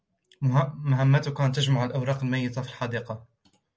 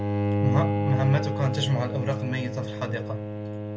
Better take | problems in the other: first | background sound (Bowed string instrument); as loud as the speech // room echo; dies away in 1.3 s

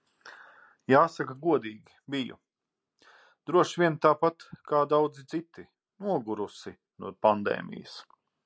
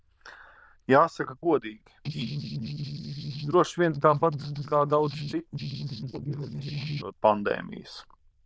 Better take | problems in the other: first | noise reduction (neural diffusion model UNIVERSE++)

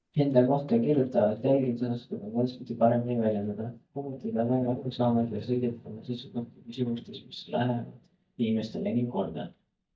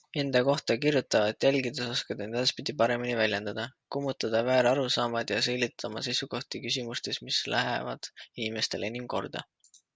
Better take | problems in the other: second | noise reduction (neural mask model DeepFilterNet 3)

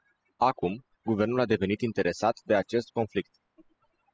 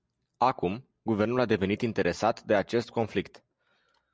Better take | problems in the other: second | noise reduction (classical method spectral subtraction)

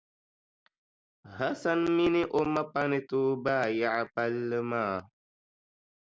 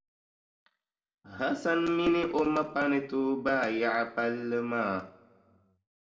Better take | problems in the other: first | room echo; dies away in 0.7 s

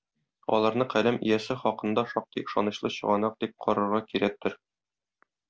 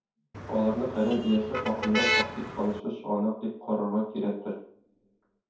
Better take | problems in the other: first | background sound (Motor vehicle (road)); 2 dB below the speech // room echo; dies away in 0.6 s

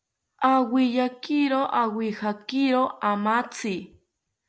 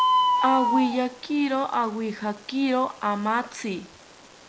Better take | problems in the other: first | background sound (Bird); 2 dB below the speech

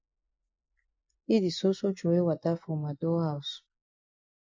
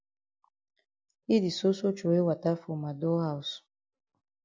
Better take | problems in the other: second | noise reduction (neural mask model Resemble Enhance denoiser)

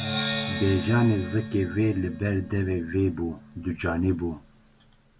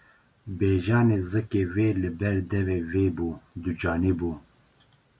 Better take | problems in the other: second | background sound (Percussion); 8 dB below the speech

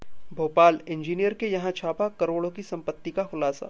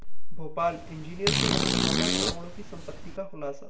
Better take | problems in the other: first | background sound (Fart); as loud as the speech // room echo; dies away in 0.4 s

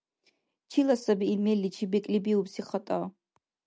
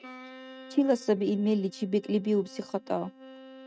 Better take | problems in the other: first | noise reduction (neural mask model RNNoise)

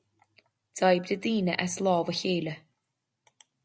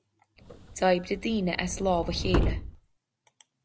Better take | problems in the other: first | background sound (Subway, metro, underground); 2 dB below the speech

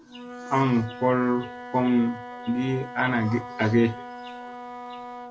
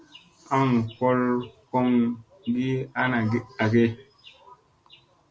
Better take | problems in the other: second | background sound (Wind instrument, woodwind instrument); 13 dB below the speech

